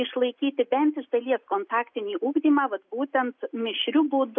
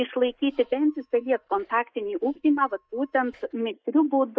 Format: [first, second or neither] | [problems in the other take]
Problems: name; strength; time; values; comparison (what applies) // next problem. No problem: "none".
first | noise reduction (neural mask model DeepFilterNet 3)